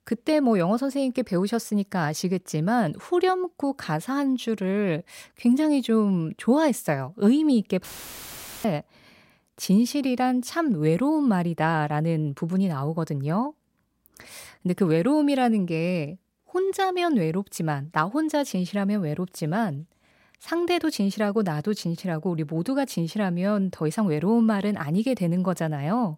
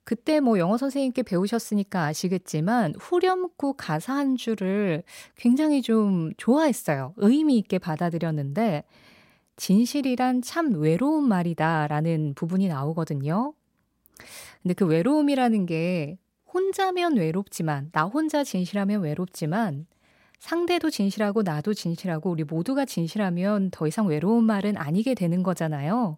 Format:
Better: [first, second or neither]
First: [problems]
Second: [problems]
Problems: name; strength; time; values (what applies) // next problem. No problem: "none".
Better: second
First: audio cutting out; filled with static; at 8 s for 1 s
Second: none